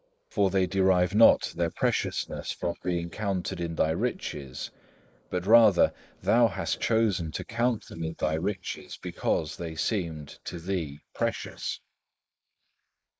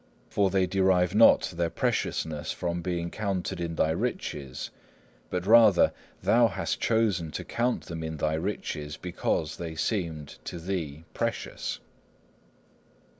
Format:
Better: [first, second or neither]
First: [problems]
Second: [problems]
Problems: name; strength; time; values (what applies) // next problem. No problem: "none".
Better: second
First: noise reduction (neural mask model Resemble Enhance denoiser)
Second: none